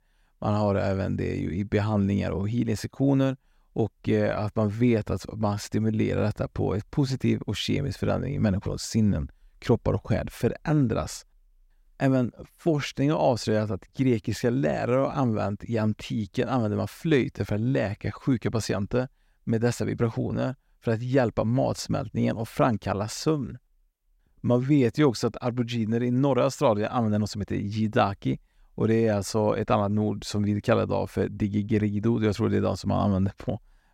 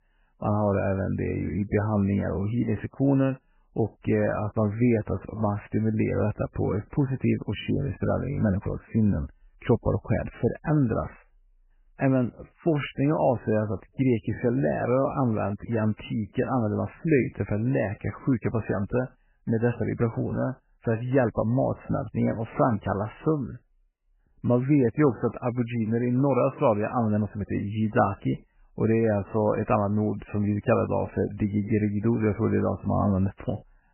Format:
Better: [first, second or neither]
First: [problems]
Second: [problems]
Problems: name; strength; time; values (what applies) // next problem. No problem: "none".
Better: first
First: none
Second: garbled, watery; badly; nothing above 3 kHz